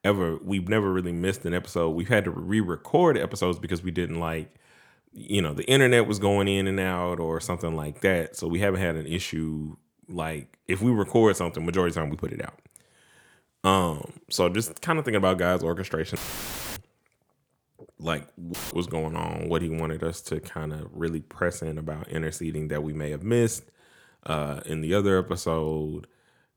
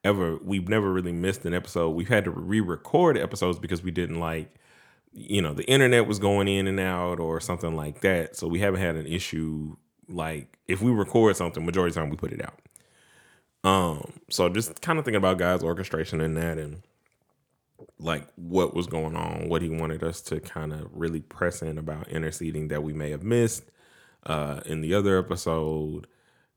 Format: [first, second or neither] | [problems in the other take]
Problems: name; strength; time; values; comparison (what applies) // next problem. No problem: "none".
second | audio cutting out; filled with static; at 16 s for 0.5 s and at 19 s